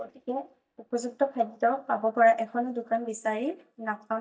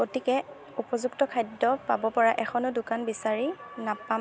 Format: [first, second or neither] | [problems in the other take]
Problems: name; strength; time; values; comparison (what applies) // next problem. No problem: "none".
second | noise reduction (neural mask model DeepFilterNet 3)